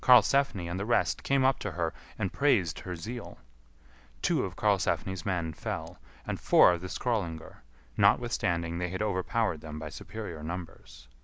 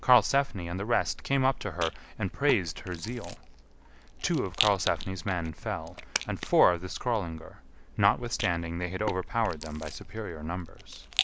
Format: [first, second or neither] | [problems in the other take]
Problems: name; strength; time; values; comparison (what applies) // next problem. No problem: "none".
first | background sound (Rattle); 11 dB below the speech